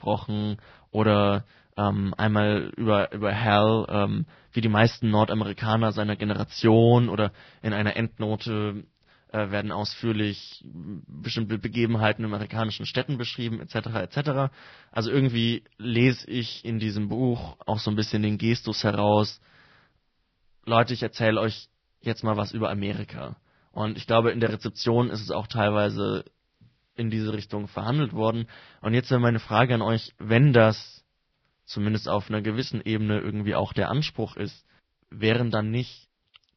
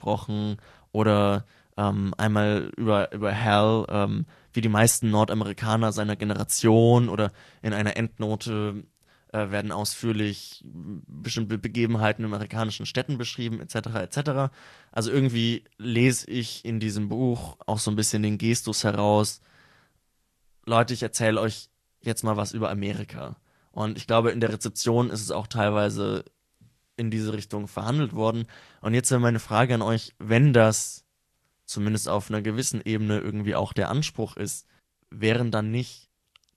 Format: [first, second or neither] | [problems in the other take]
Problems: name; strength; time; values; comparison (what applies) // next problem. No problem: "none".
second | garbled, watery; badly; nothing above 5.5 kHz; slightly in the second